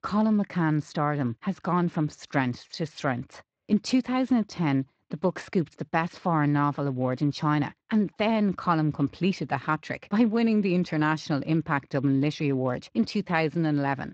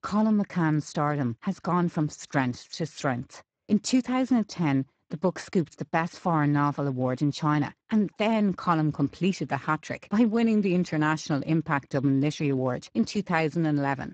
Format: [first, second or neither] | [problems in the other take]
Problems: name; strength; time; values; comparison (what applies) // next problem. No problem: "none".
first | garbled, watery; badly; nothing above 8 kHz; slightly in the first